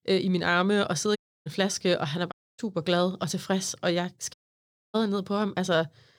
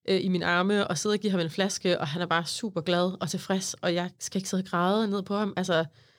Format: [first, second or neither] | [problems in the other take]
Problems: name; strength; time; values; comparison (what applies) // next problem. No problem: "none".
second | audio cutting out; at 1 s, at 2.5 s and at 4.5 s for 0.5 s